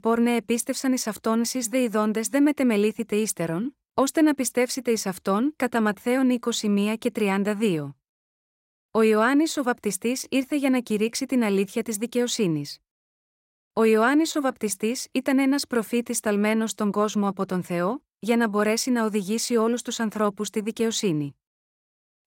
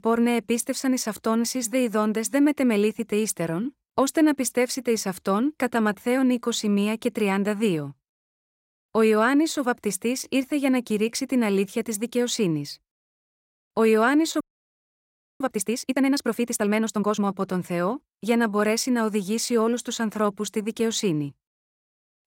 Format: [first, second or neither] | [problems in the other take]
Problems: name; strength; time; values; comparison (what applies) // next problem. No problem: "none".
first | audio freezing; at 14 s for 1 s